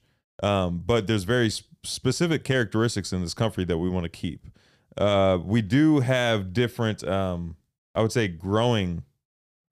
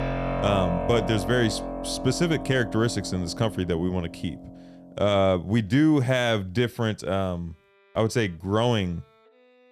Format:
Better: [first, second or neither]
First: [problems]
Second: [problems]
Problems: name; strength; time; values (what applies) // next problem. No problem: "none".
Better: first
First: none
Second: background music; loud; throughout; 8 dB below the speech